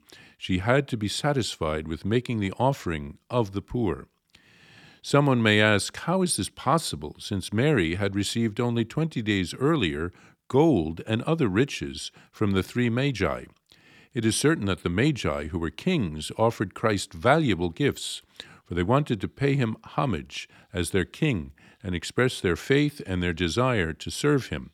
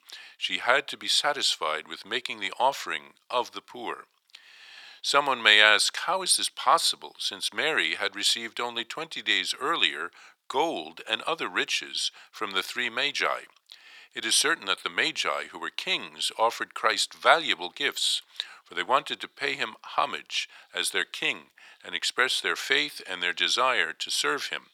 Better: first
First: none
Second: thin; very; fading below 900 Hz

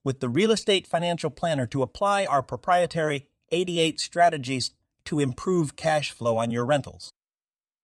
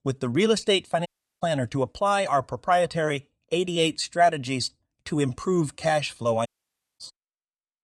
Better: first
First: none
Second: audio cutting out; at 1 s and at 6.5 s for 0.5 s

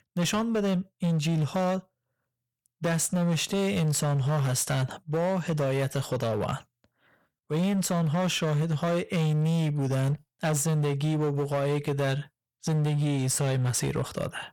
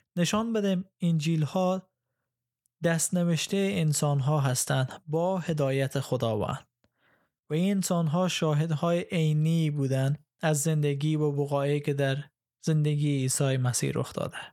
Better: second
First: distortion; slight; 22% of the sound clipped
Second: none

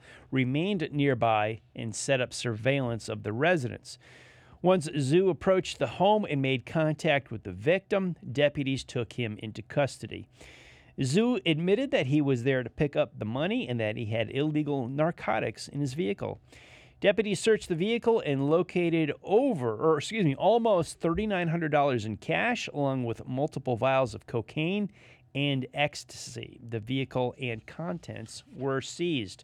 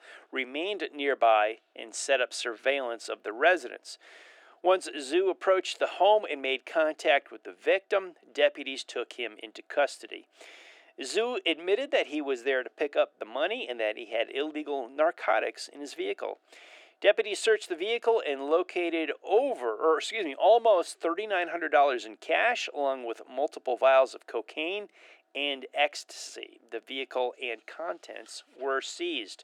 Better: first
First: none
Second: thin; very; fading below 350 Hz

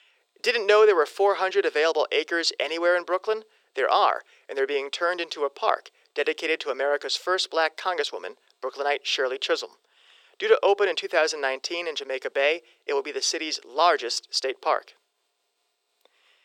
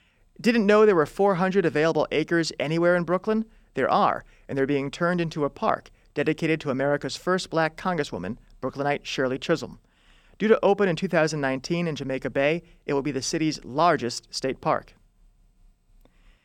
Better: second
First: thin; very; fading below 400 Hz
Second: none

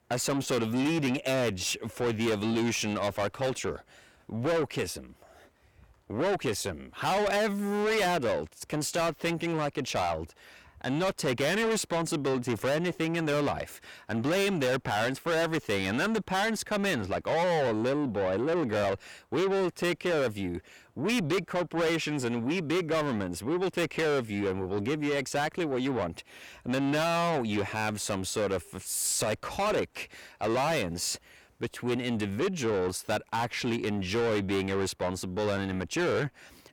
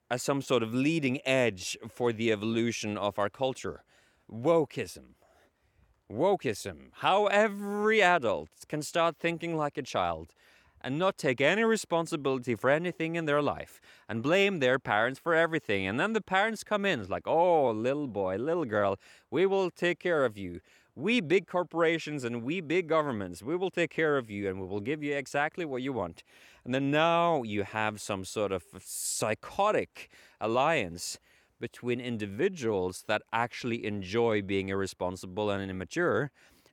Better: second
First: distortion; heavy; 6 dB below the speech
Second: none

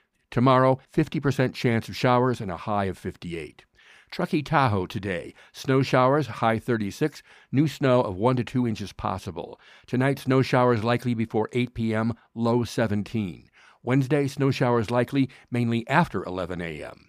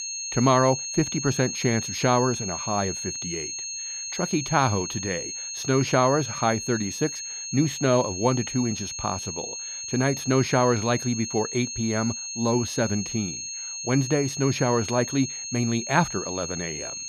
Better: first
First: none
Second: high-pitched whine; loud; throughout; 6.5 kHz, 5 dB below the speech

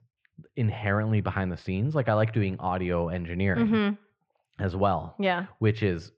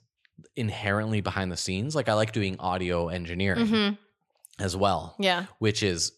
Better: second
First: muffled; very; fading above 2.5 kHz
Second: none

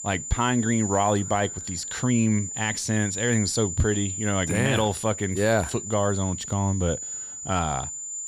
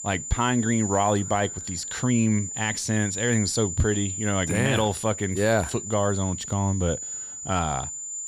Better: neither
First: high-pitched whine; loud; throughout; 7 kHz, 6 dB below the speech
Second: high-pitched whine; loud; throughout; 7 kHz, 6 dB below the speech

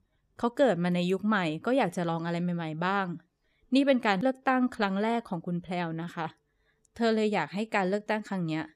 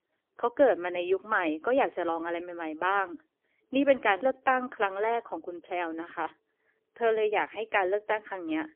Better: first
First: none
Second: phone-call audio; poor line; nothing above 3.5 kHz

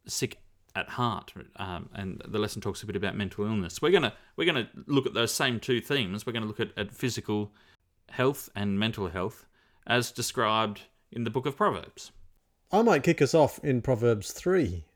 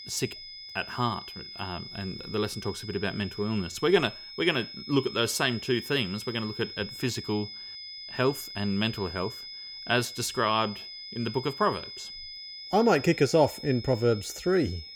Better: first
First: none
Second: high-pitched whine; noticeable; throughout; 5 kHz, 10 dB below the speech

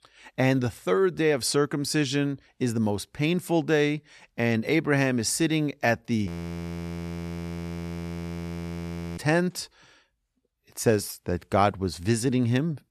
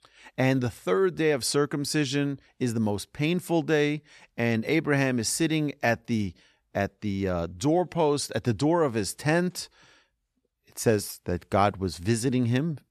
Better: second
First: audio freezing; at 6.5 s for 3 s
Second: none

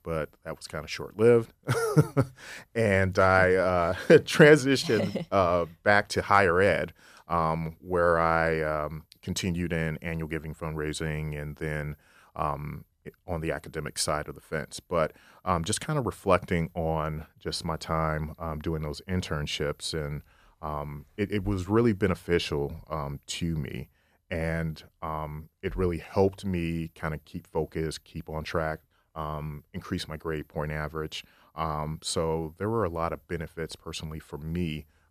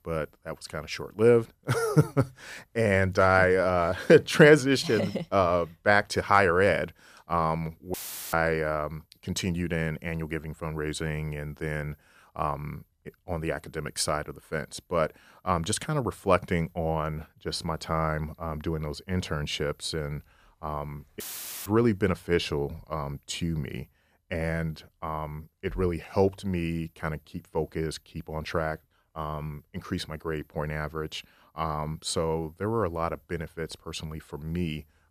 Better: first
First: none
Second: audio cutting out; filled with static; at 8 s and at 21 s

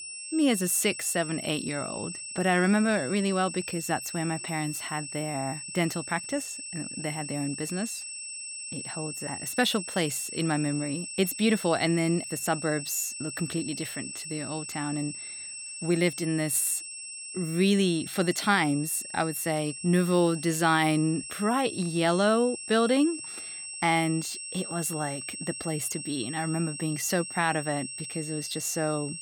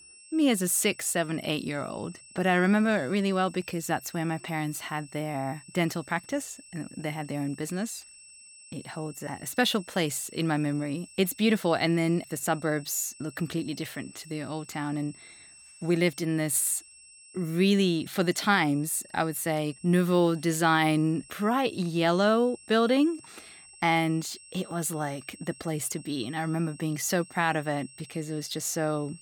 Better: second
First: high-pitched whine; loud; throughout; 8 kHz, 8 dB below the speech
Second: high-pitched whine; faint; throughout; 8 kHz, 20 dB below the speech

